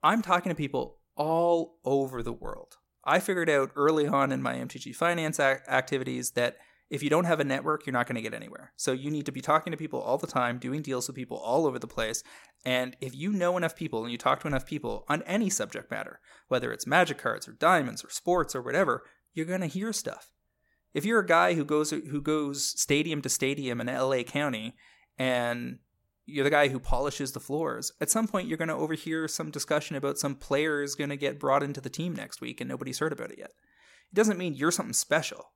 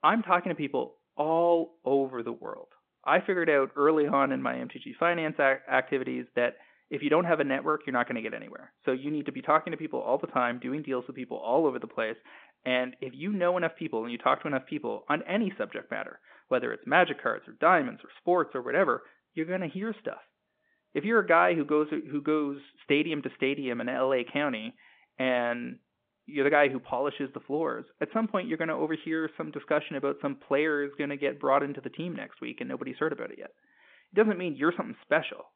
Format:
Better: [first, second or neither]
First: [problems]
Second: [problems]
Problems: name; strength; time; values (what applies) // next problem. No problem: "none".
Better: first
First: none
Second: phone-call audio